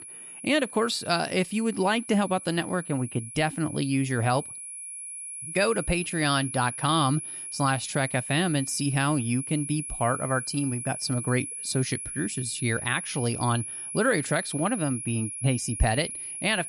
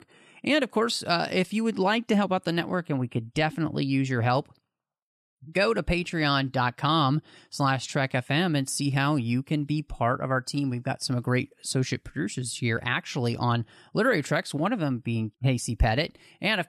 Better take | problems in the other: second | high-pitched whine; loud; throughout; 10.5 kHz, 8 dB below the speech

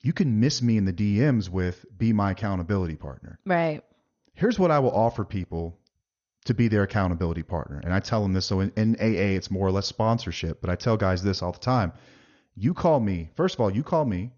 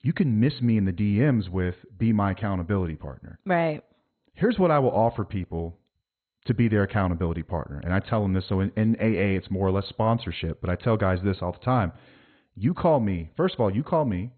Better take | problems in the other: first | garbled, watery; badly; nothing above 4 kHz; slightly in the first

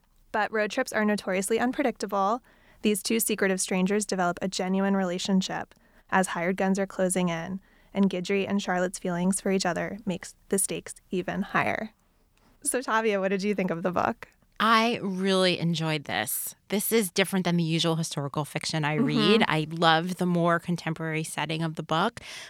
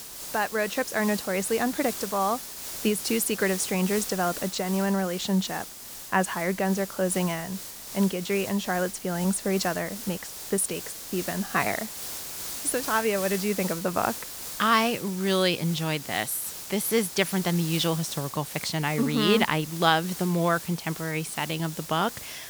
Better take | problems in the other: first | hiss; loud; throughout; 8 dB below the speech

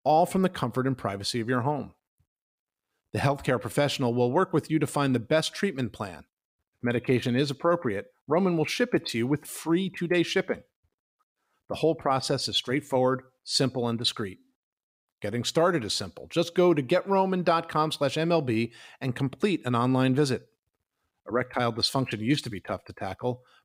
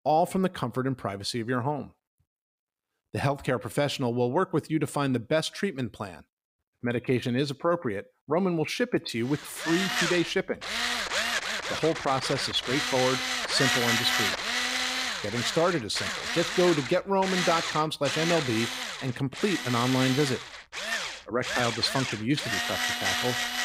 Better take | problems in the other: first | machinery noise; loud; from 9.5 s on; 1 dB below the speech

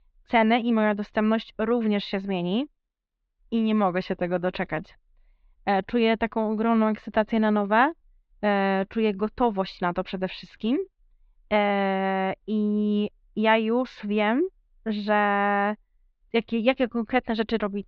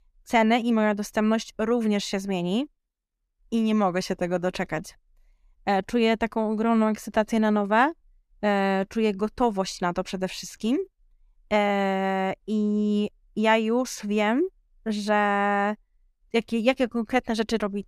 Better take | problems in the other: second | muffled; slightly; fading above 4 kHz

